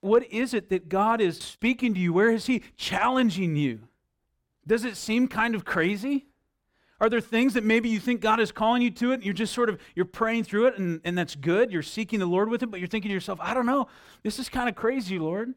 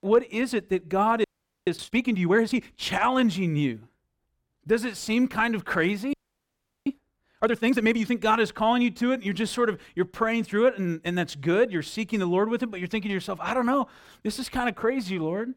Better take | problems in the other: first | audio freezing; at 1 s and at 6 s for 0.5 s

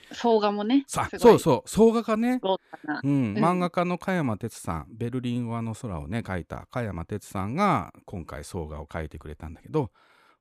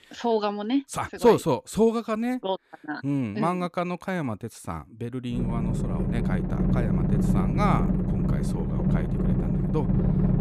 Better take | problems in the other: first | low rumble; loud; from 5.5 s on; 5 dB below the speech

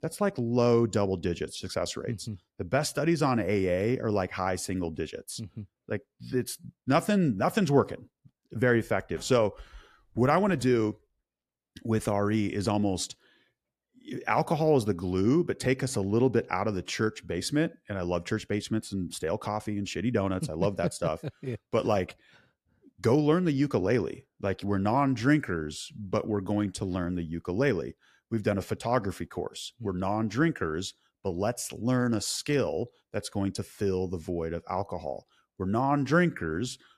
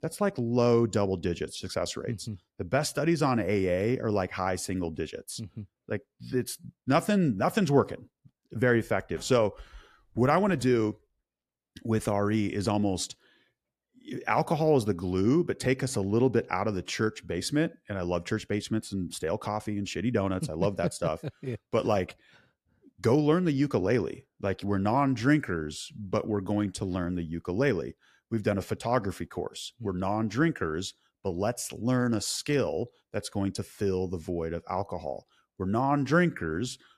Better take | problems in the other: neither | none

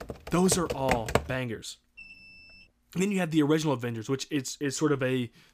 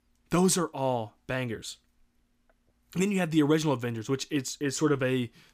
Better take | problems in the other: second | keyboard typing; loud; until 1 s; peak level with the speech // alarm; faint; at 2 s; peak 20 dB below the speech

